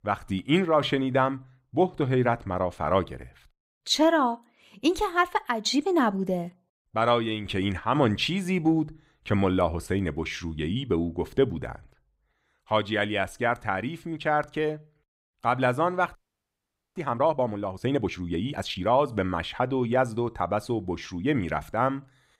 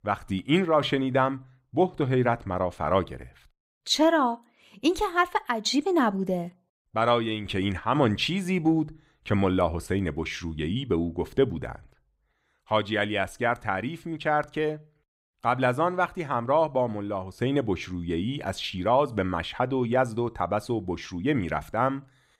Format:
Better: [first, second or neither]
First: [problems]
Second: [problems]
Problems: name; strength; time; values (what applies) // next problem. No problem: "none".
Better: second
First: audio freezing; at 16 s for 1 s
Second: none